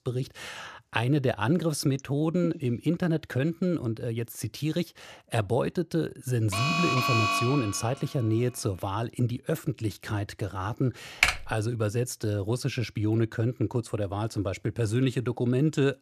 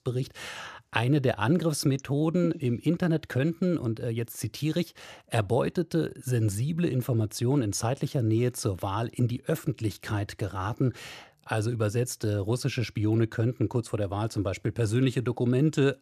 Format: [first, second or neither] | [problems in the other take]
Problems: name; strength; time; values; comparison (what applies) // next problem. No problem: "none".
second | alarm; loud; from 6.5 to 8 s; peak 4 dB above the speech // keyboard typing; loud; at 11 s; peak 4 dB above the speech